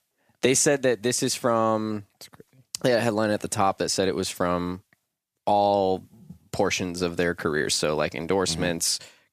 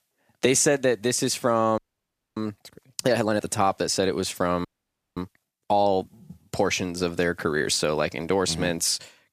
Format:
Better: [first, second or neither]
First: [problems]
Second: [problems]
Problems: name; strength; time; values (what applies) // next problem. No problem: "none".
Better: first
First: none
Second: audio freezing; at 2 s for 0.5 s and at 4.5 s for 0.5 s